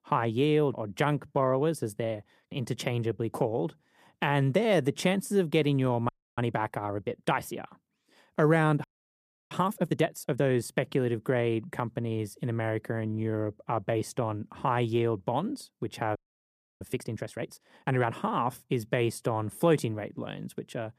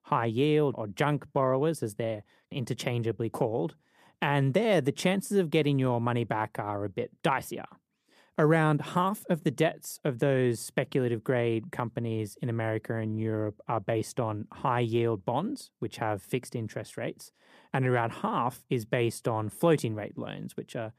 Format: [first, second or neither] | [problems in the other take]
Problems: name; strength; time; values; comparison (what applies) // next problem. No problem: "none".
second | audio freezing; at 6 s, at 9 s for 0.5 s and at 16 s for 0.5 s